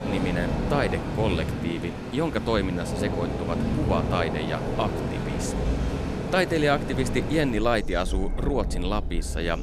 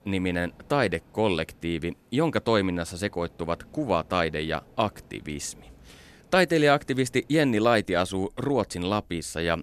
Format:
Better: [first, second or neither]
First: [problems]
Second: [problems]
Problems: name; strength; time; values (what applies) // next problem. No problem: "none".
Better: second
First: rain or running water; loud; throughout; 2 dB below the speech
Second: rain or running water; faint; throughout; 30 dB below the speech